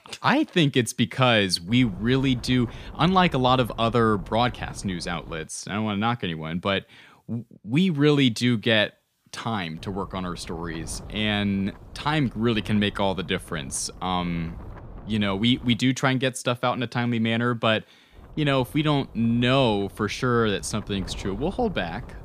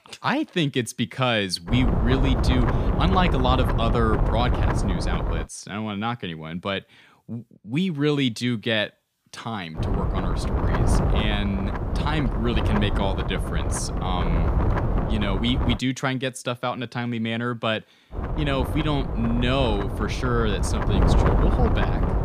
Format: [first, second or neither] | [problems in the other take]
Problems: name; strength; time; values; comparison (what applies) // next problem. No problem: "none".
first | wind noise on the microphone; heavy; from 1.5 to 5.5 s, from 10 to 16 s and from 18 s on; 3 dB below the speech; occasional gusts in the first